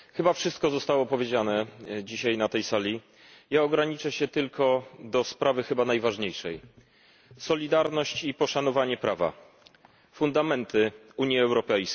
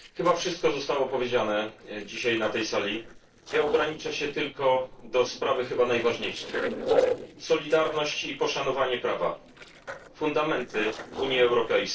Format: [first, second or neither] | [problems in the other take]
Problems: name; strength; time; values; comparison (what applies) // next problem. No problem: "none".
first | noise reduction (neural separator model SepFormer DNS4)